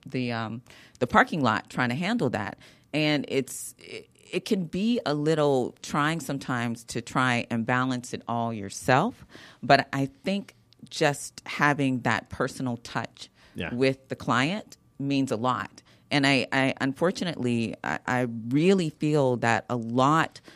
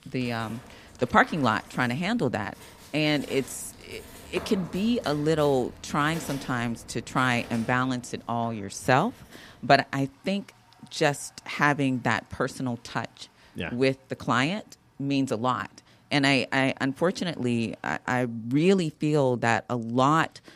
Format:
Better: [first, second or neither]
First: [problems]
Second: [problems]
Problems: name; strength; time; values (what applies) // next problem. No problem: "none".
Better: first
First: none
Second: household noises; noticeable; throughout; 20 dB below the speech